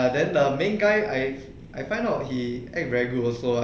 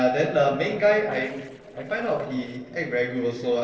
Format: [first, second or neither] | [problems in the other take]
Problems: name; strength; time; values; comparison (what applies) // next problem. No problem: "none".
first | noise reduction (neural separator model SepFormer DNS4)